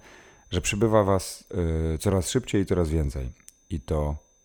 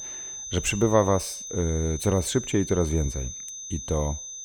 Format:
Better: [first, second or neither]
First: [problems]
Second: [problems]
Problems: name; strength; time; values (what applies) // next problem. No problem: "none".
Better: first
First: high-pitched whine; faint; throughout; 6 kHz, 35 dB below the speech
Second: high-pitched whine; loud; throughout; 6 kHz, 9 dB below the speech